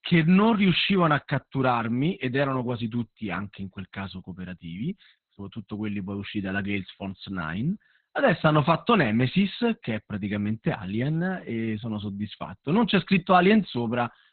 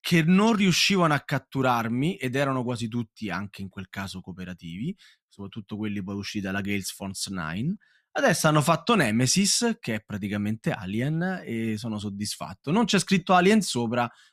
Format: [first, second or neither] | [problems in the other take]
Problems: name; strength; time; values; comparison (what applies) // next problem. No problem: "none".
second | garbled, watery; badly; nothing above 4 kHz